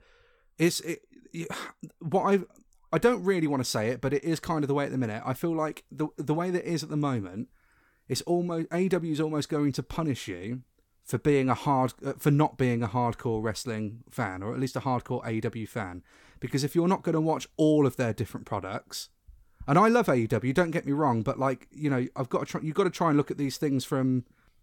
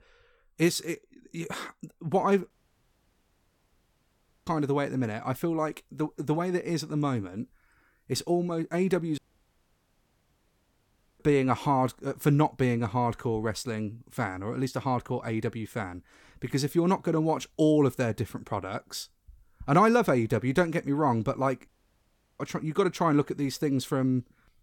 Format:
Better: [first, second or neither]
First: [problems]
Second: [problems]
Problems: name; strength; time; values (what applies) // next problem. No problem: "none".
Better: first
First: none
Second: audio cutting out; at 2.5 s for 2 s, at 9 s for 2 s and at 22 s for 0.5 s